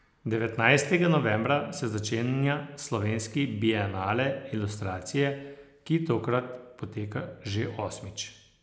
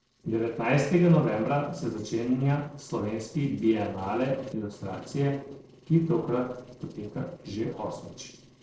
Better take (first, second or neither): first